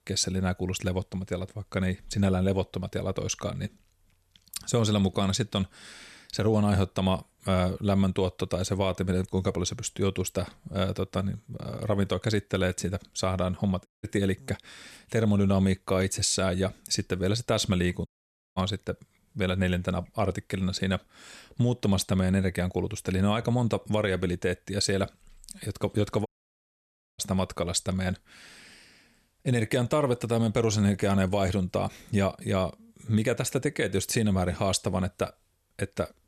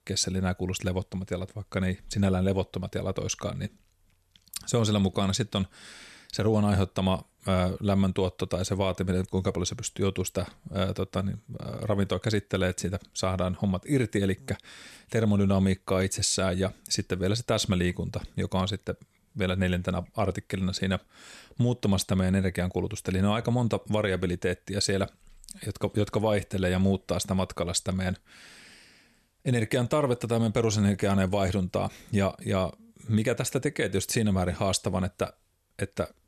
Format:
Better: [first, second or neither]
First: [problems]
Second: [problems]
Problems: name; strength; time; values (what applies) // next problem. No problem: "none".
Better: second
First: audio cutting out; at 14 s, at 18 s for 0.5 s and at 26 s for 1 s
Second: none